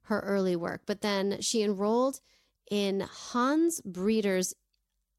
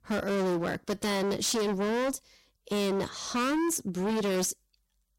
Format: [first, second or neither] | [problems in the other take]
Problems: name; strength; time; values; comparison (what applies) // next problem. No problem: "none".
first | distortion; heavy; 28% of the sound clipped